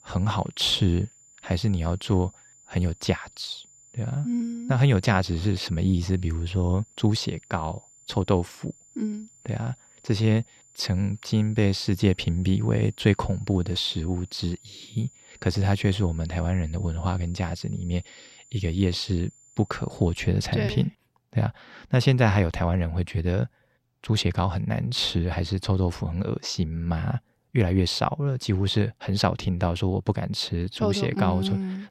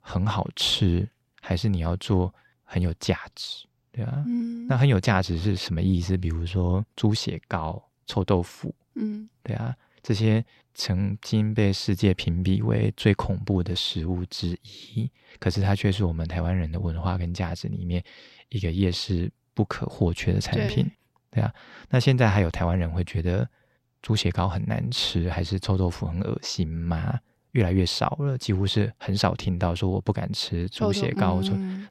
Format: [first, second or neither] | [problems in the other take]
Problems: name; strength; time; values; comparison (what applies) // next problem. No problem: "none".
second | high-pitched whine; faint; until 20 s; 7 kHz, 25 dB below the speech